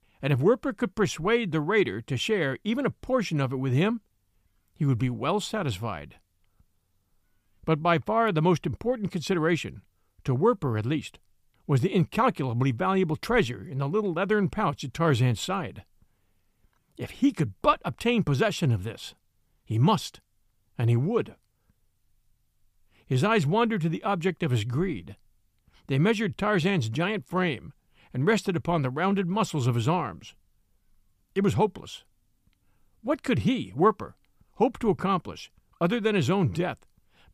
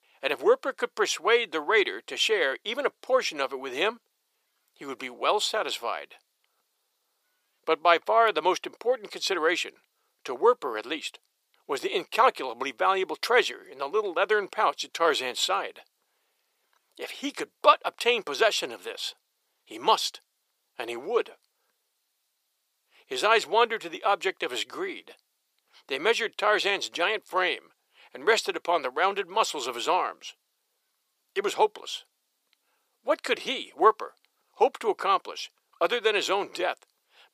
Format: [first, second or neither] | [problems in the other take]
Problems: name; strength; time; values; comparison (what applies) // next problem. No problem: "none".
first | thin; very; fading below 450 Hz